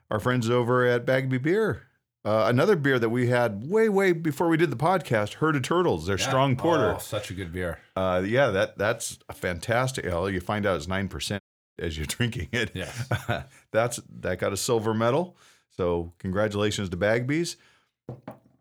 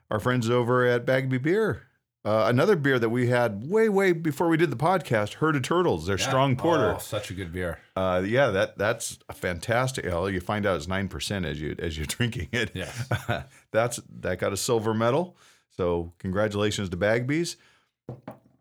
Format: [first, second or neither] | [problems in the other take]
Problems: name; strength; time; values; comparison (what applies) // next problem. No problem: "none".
second | audio cutting out; at 11 s